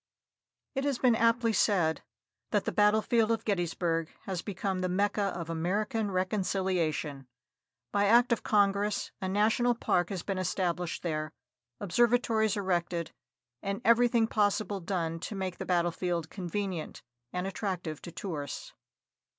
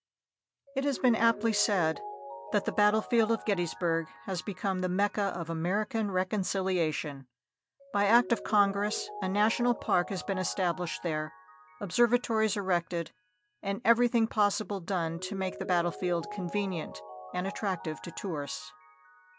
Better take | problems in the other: first | background sound (Mallet percussion); 16 dB below the speech

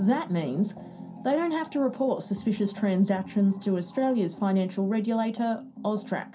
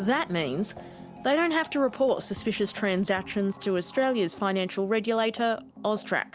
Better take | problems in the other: second | room echo; dies away in 0.3 s

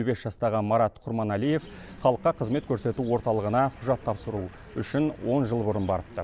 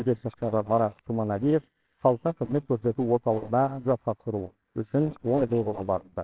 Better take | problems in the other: first | noise reduction (neural separator model SepFormer WHAMR!)

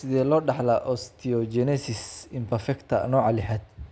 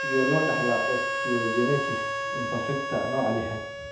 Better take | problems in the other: first | background sound (Harmonica); 1 dB below the speech // room echo; dies away in 0.8 s

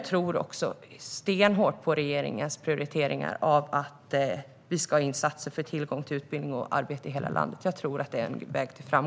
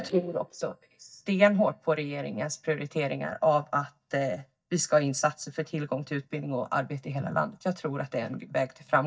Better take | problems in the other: first | noise reduction (neural mask model DeepFilterNet 3)

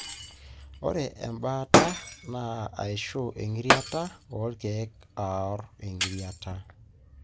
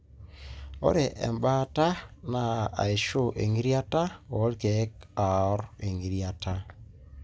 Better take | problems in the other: second | background sound (Shatter); 2 dB above the speech

